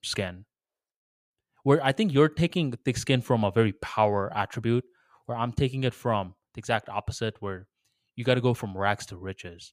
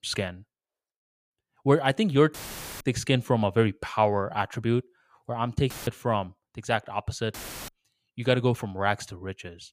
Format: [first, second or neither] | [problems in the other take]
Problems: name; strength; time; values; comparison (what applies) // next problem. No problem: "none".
first | audio cutting out; filled with static; at 2.5 s, at 5.5 s and at 7.5 s